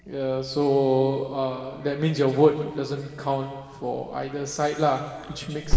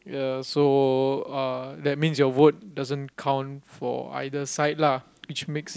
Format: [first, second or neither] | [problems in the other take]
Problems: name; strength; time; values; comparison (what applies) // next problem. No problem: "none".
second | background sound (Alarm); 7 dB below the speech // room echo; dies away in 2.5 s